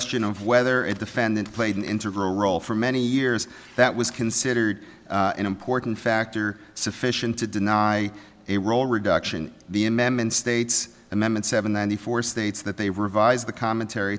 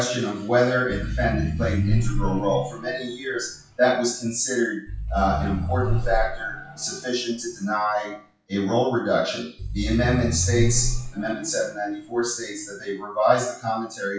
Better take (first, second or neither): first